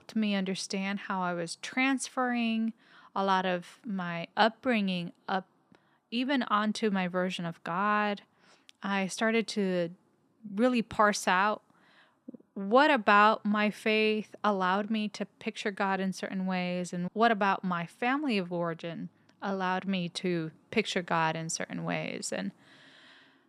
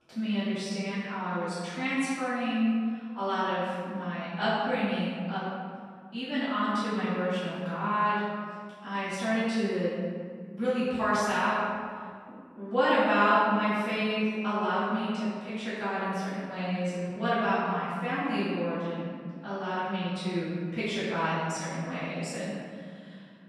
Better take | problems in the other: first | off-mic speech; far // room echo; strong; dies away in 1.9 s

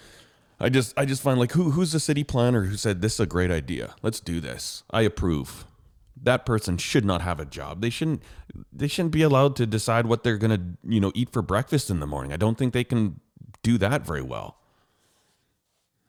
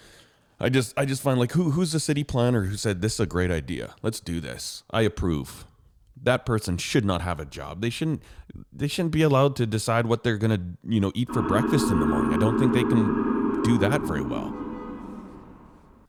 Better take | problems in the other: first | siren; loud; from 11 to 15 s; peak 2 dB above the speech

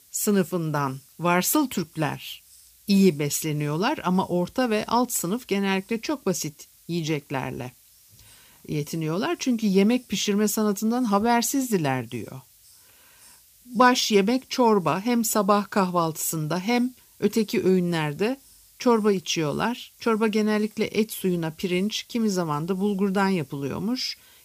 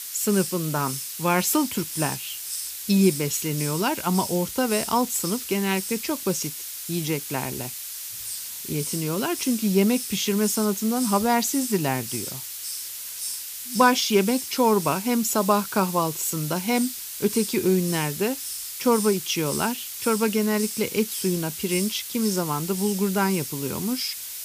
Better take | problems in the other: first | hiss; loud; throughout; 6 dB below the speech; faint in the first

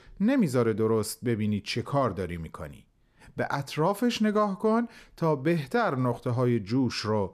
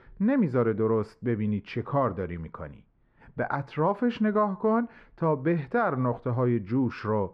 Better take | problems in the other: first | muffled; very; fading above 1.5 kHz

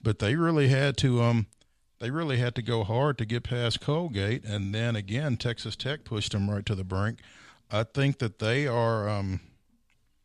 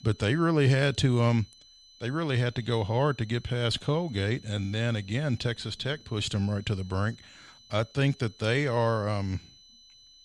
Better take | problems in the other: first | high-pitched whine; faint; throughout; 4 kHz, 25 dB below the speech

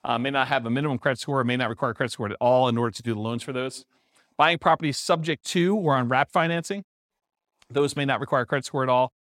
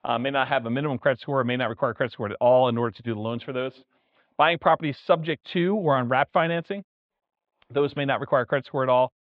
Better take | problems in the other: first | muffled; very; fading above 3.5 kHz

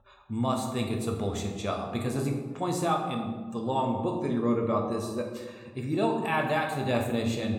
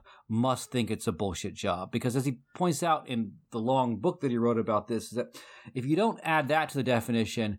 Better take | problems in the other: second | room echo; noticeable; dies away in 1 s

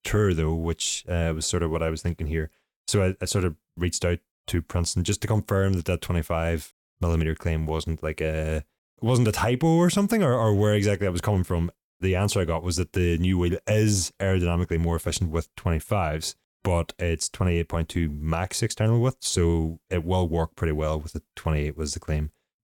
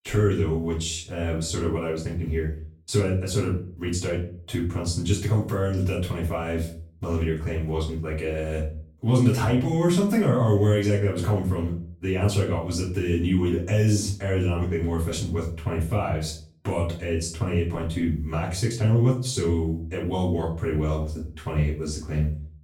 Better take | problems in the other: first | off-mic speech; far // room echo; slight; dies away in 0.4 s

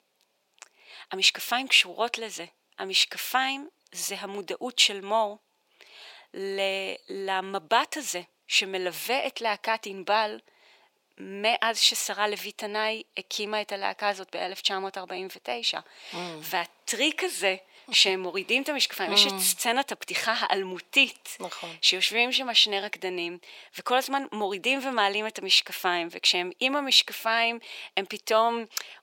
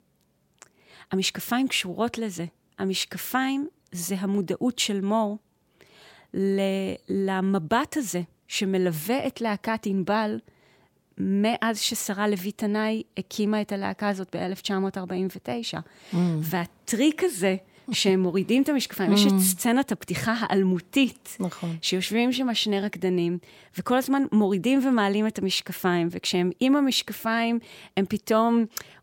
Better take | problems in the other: second | thin; very; fading below 550 Hz

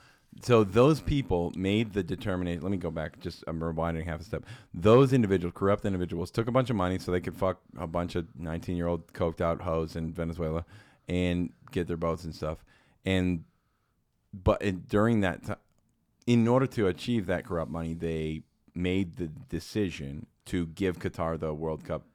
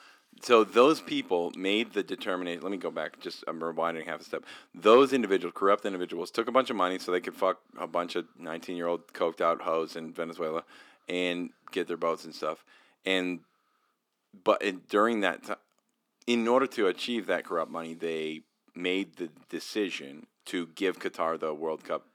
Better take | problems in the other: first | thin; somewhat; fading below 250 Hz

